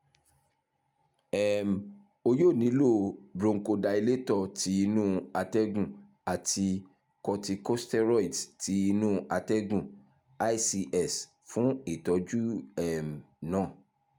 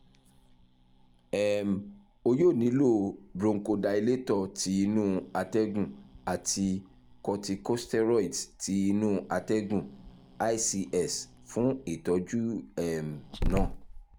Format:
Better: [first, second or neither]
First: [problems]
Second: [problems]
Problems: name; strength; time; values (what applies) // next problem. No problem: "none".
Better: first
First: none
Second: background sound (Growling); 12 dB below the speech